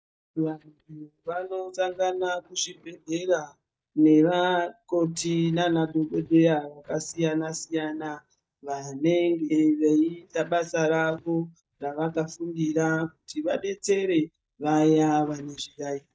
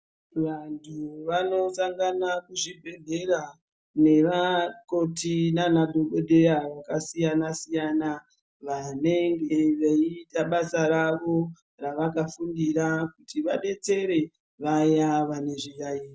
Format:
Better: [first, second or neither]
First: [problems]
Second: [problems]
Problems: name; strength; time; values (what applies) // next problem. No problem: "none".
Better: second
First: noise reduction (neural mask model DeepFilterNet 3)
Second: none